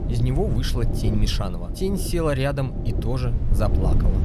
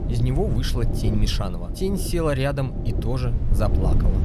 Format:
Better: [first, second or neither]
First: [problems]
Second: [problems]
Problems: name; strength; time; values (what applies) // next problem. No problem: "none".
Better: neither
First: low rumble; loud; throughout; 8 dB below the speech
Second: low rumble; loud; throughout; 8 dB below the speech